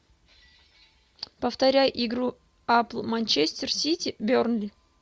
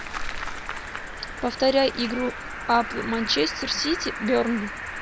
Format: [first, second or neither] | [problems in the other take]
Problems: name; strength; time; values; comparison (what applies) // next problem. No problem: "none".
first | background sound (Cricket); 7 dB below the speech